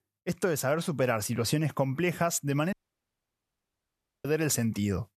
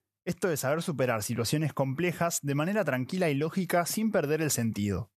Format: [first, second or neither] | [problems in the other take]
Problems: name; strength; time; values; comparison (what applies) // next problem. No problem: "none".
second | audio cutting out; at 2.5 s for 1.5 s